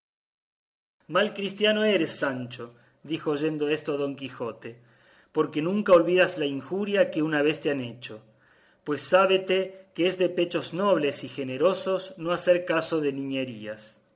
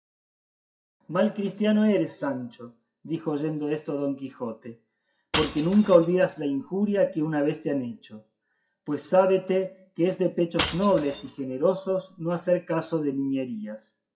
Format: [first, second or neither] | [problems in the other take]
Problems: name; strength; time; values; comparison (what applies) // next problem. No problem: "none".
first | noise reduction (classical method WPE with log-MMSE)